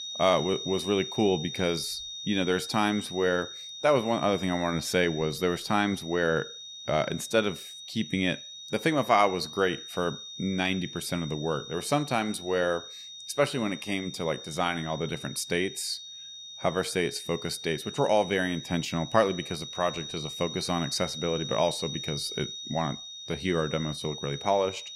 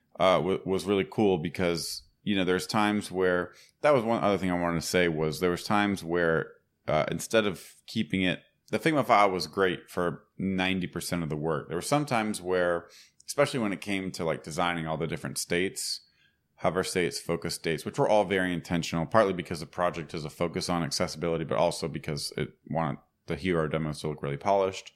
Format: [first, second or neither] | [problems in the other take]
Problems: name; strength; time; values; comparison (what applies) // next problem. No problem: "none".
second | high-pitched whine; loud; throughout; 3.5 kHz, 9 dB below the speech